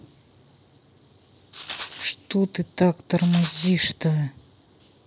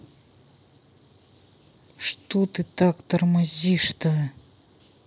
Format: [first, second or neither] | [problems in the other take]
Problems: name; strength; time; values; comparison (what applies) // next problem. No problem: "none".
second | background sound (Rattle); 13 dB below the speech